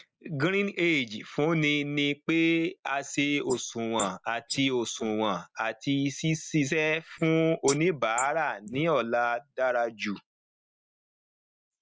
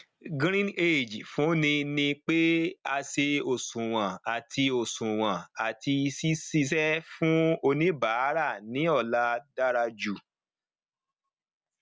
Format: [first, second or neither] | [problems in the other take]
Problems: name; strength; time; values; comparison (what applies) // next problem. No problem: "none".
second | noise reduction (neural mask model Resemble Enhance denoiser)